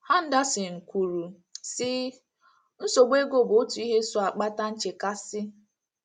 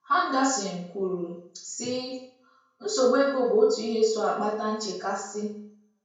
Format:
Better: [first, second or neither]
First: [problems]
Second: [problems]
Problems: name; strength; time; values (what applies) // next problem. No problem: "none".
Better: first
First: none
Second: room echo; dies away in 0.5 s